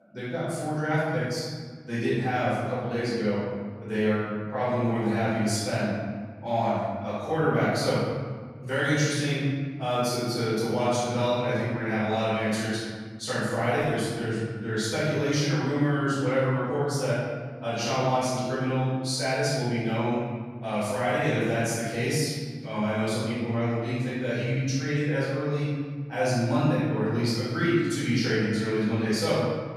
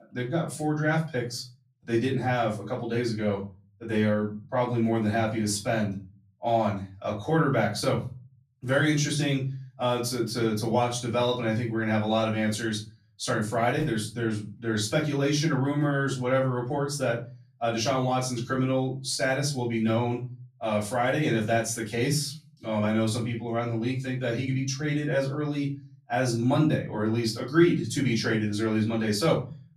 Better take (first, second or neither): second